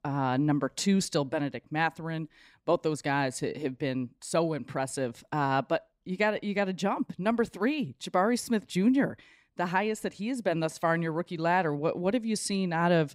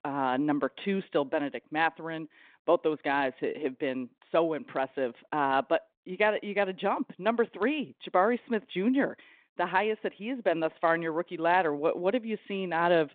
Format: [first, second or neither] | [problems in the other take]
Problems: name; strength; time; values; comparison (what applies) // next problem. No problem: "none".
first | phone-call audio; nothing above 4 kHz